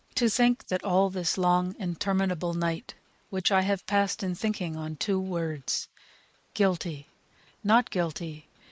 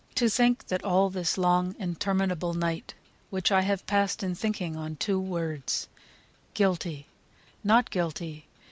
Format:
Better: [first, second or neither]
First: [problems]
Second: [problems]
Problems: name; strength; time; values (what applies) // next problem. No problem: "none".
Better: second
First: noise reduction (neural mask model Resemble Enhance denoiser)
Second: none